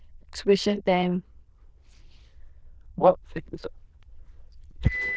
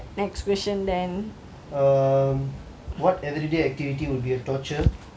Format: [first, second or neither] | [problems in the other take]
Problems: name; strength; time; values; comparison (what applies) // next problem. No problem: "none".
second | noise reduction (neural diffusion model UNIVERSE++)